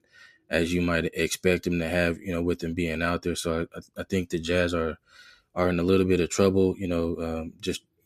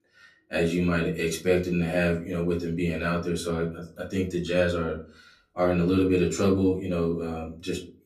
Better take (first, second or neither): first